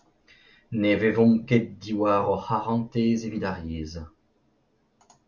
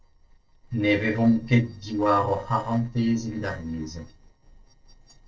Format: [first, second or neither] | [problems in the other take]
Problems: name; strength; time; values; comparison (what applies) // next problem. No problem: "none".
first | noise reduction (neural separator model SepFormer DNS4)